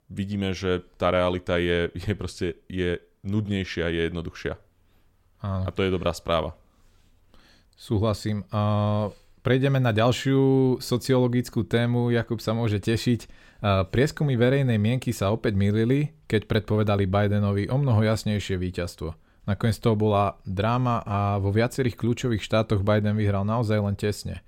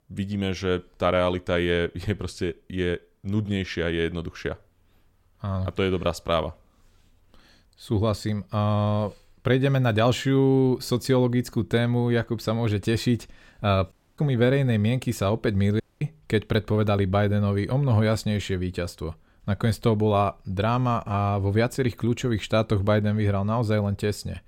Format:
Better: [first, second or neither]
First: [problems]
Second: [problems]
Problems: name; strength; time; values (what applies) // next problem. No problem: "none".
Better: first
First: none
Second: audio cutting out; at 14 s and at 16 s